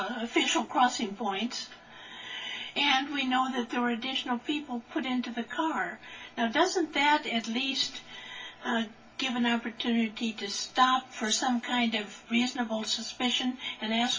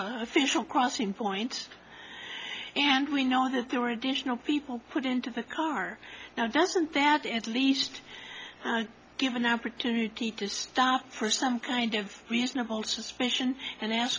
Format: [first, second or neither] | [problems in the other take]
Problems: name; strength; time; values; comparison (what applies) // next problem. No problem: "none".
second | room echo; dies away in 0.2 s